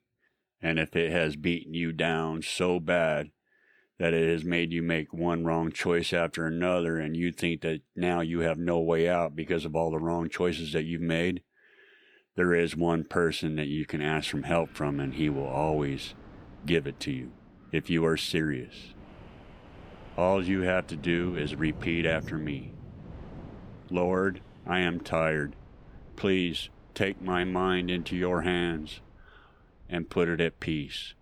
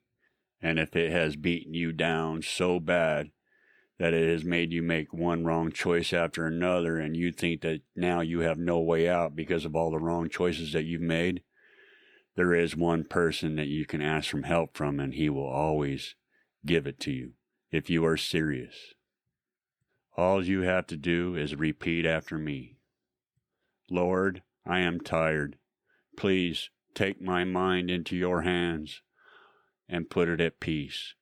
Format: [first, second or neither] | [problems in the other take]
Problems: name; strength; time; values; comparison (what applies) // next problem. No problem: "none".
second | wind in the background; noticeable; from 14 s on; 20 dB below the speech